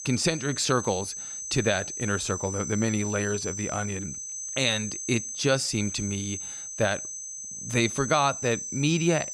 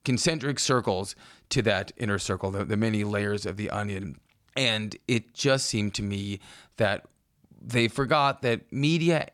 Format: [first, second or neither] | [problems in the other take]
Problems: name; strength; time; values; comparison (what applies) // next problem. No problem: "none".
second | high-pitched whine; loud; throughout; 6 kHz, 6 dB below the speech